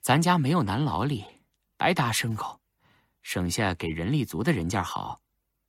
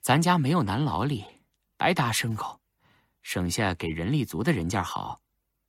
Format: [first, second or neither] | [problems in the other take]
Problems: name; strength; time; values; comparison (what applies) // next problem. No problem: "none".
neither | none